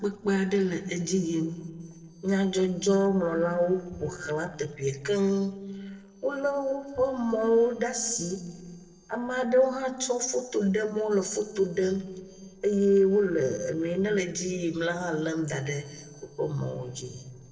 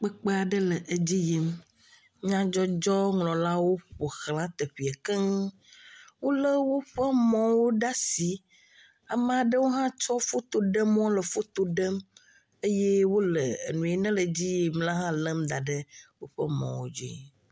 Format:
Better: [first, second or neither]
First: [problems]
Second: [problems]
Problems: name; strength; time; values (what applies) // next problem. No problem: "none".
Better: second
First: noise reduction (neural separator model SepFormer DNS4)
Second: none